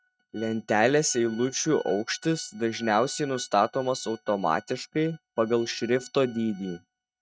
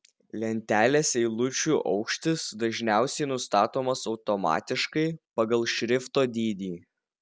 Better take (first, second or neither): second